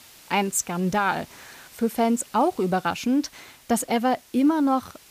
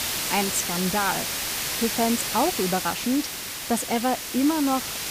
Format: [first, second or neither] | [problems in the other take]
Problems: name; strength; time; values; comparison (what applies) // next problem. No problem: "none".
first | hiss; loud; throughout; 2 dB below the speech; faint in the first